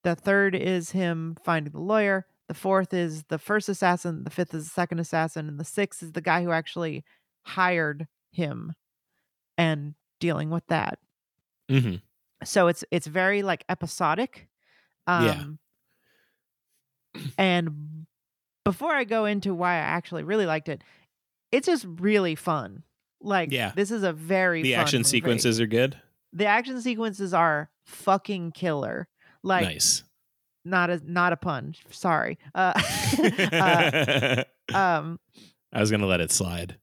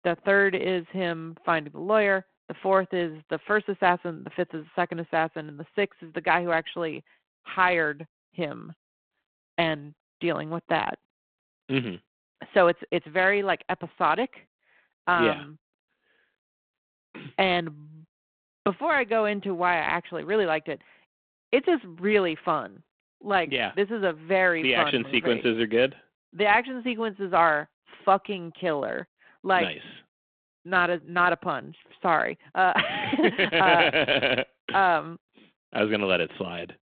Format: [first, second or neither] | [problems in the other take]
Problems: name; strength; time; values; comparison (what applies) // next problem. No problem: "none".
first | phone-call audio